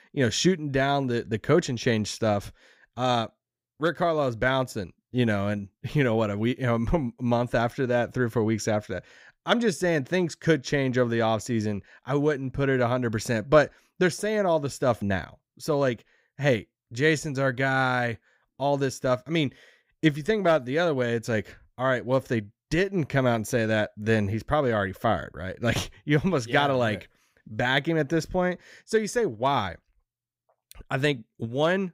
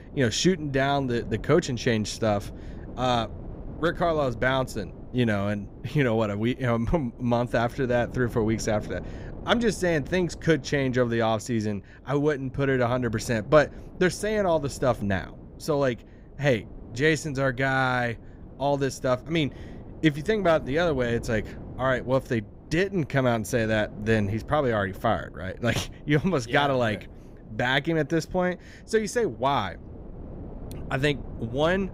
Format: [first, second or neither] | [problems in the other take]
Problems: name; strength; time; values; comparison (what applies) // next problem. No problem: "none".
first | wind noise on the microphone; occasional gusts; 20 dB below the speech